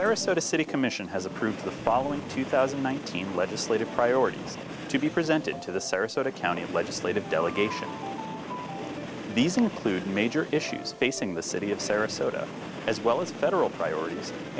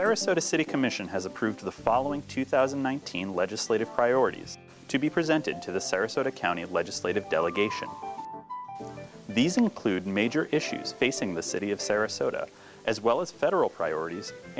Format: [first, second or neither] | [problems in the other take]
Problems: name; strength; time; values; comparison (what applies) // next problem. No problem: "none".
second | background sound (Train); 10 dB below the speech